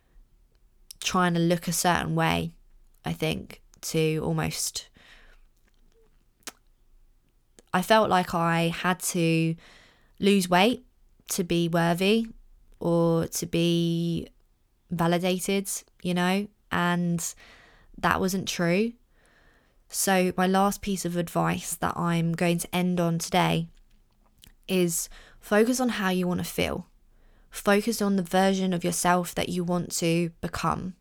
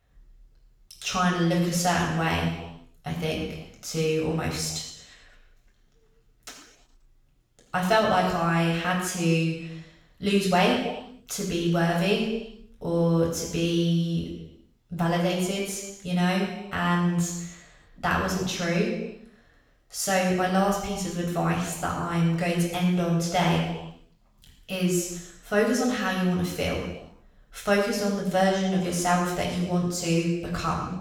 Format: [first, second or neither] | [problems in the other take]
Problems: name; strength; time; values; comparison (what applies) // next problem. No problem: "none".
first | room echo; noticeable; dies away in 0.9 s // off-mic speech; far